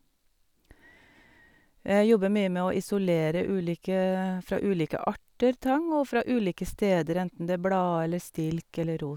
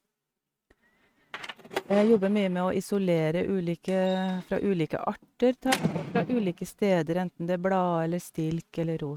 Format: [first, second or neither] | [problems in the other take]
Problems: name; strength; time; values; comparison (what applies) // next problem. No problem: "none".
first | noise reduction (neural mask model RNNoise)